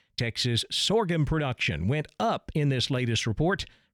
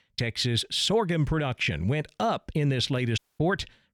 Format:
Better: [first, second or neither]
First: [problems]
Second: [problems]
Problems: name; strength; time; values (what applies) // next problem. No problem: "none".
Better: first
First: none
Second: audio cutting out; at 3 s